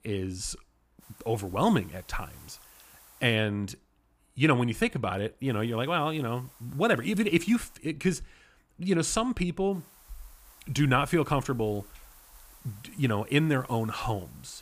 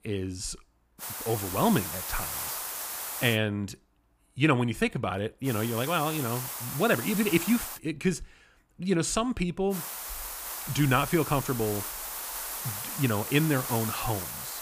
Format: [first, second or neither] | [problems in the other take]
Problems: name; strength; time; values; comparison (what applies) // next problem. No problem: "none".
first | hiss; loud; from 1 to 3.5 s, from 5.5 to 8 s and from 9.5 s on; 6 dB below the speech; faint in the first